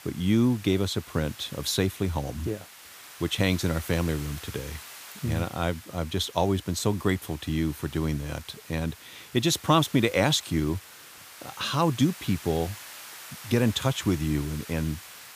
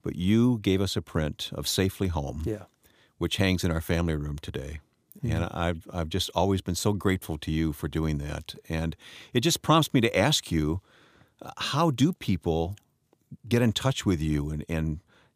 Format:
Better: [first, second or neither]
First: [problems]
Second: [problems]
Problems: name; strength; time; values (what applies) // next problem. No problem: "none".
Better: second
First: hiss; noticeable; throughout; 15 dB below the speech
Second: none